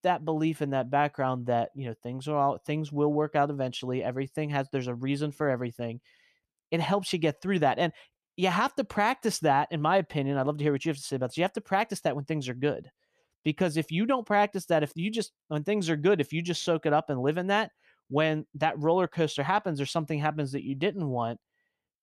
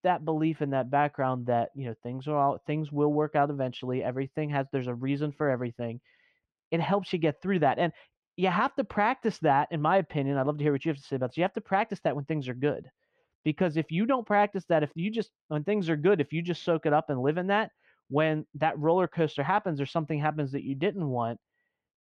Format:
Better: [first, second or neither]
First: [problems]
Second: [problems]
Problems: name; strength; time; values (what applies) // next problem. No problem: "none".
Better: first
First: none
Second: muffled; slightly; fading above 2.5 kHz